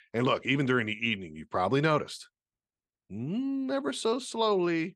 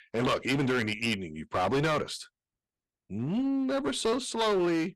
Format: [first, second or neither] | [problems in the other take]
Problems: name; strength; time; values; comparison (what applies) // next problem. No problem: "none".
first | distortion; heavy; 13% of the sound clipped